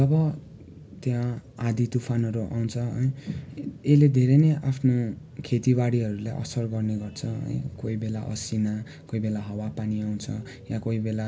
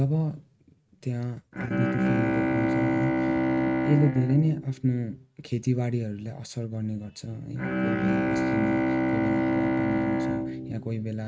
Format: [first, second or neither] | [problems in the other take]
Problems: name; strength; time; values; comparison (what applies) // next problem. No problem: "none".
first | noise reduction (neural mask model RNNoise)